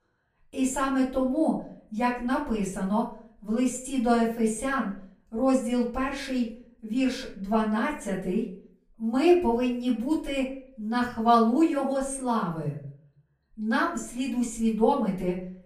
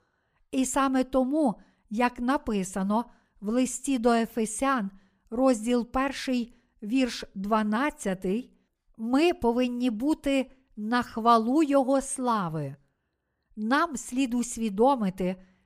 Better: second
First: off-mic speech; far // room echo; slight; dies away in 0.4 s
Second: none

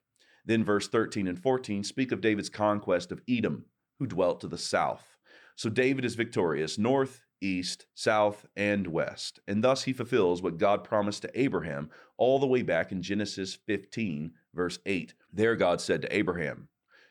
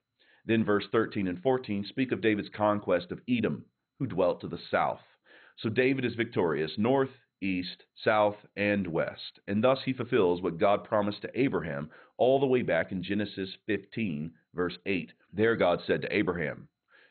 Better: first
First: none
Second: garbled, watery; badly; nothing above 4 kHz

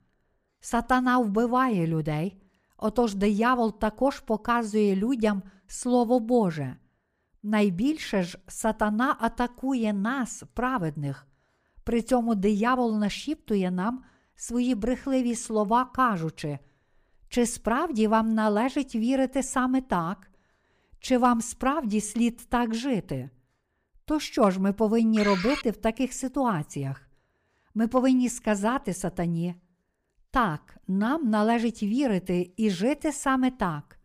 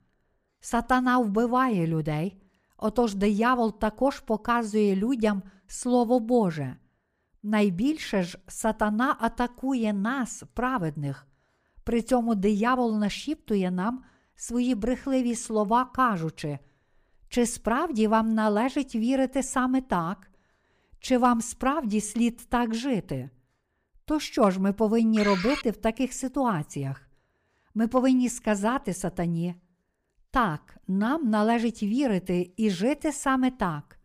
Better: neither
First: phone ringing; noticeable; at 25 s; peak 5 dB below the speech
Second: phone ringing; noticeable; at 25 s; peak 5 dB below the speech

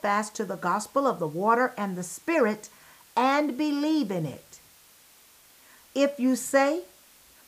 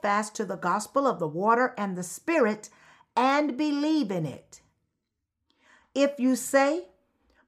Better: second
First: hiss; faint; throughout; 25 dB below the speech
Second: none

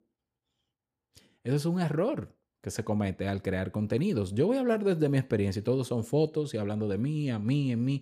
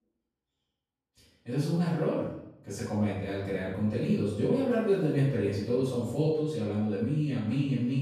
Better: first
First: none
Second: off-mic speech; far // room echo; strong; dies away in 0.6 s

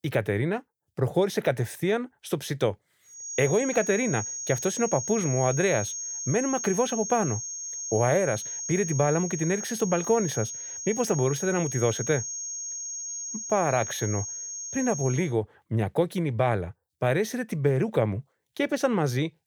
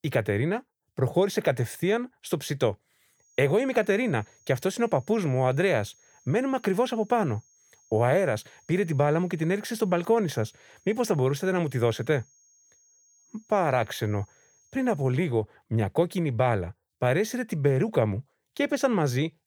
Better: second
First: high-pitched whine; loud; from 3 to 15 s; 6.5 kHz, 5 dB below the speech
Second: high-pitched whine; faint; from 3 to 15 s; 6.5 kHz, 30 dB below the speech

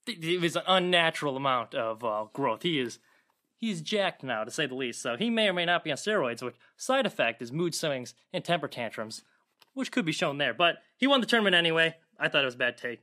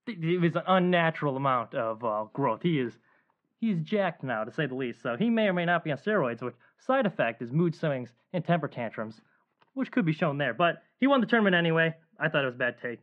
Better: first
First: none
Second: muffled; very; fading above 1.5 kHz

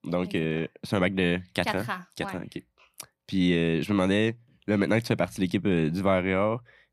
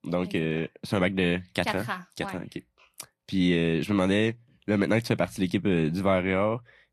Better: first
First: none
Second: garbled, watery; slightly; nothing above 12.5 kHz

